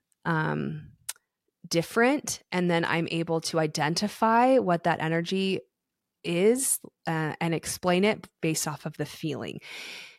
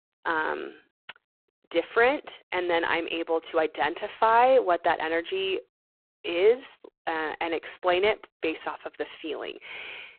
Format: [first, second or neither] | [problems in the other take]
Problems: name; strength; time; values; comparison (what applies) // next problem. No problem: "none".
first | phone-call audio; poor line